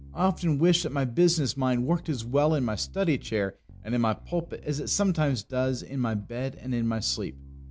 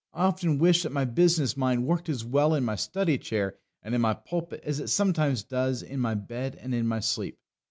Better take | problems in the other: second | background sound (Bass guitar); 19 dB below the speech

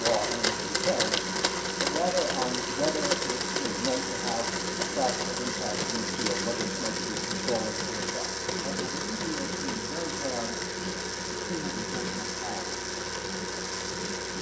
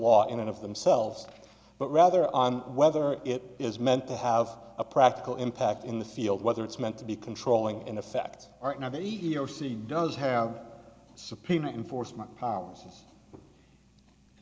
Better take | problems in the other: second | background sound (Domestic sounds, home sounds); 4 dB above the speech // room echo; dies away in 0.7 s

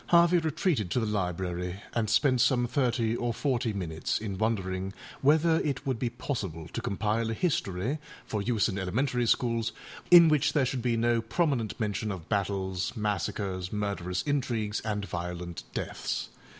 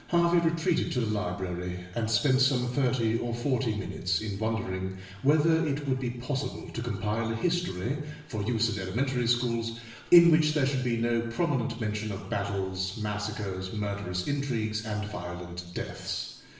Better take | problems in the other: first | room echo; dies away in 0.9 s

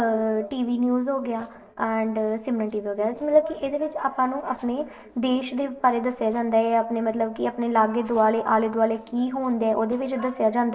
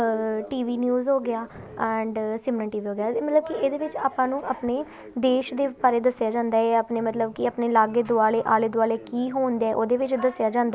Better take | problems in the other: second | noise reduction (neural separator model SepFormer DNS4)

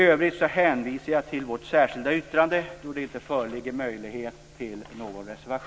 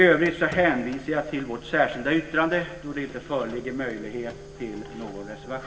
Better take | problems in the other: first | background sound (Printer); 20 dB below the speech // room echo; dies away in 1 s

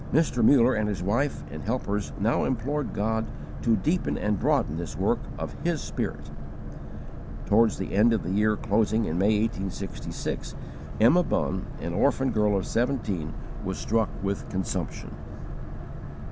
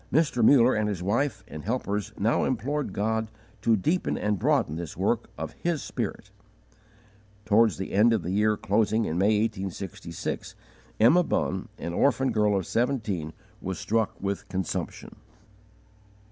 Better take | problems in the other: second | background sound (Boat, Water vehicle); 7 dB below the speech

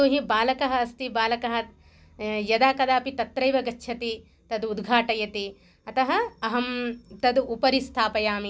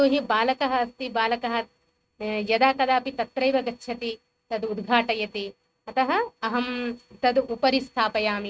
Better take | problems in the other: first | noise reduction (neural mask model RNNoise)

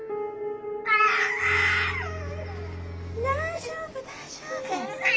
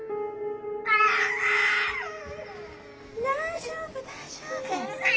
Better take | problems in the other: second | background sound (Bowed string instrument); 9 dB below the speech

